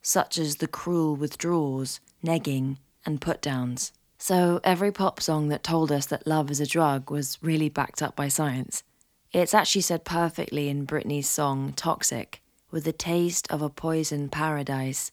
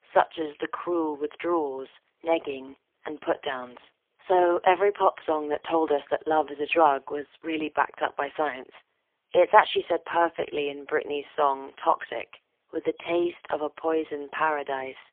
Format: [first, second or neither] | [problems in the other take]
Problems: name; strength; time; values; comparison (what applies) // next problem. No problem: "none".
first | phone-call audio; poor line; nothing above 3.5 kHz